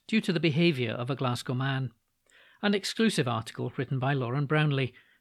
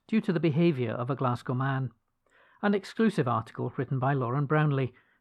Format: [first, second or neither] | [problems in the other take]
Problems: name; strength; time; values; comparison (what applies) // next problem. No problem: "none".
first | muffled; slightly; fading above 2 kHz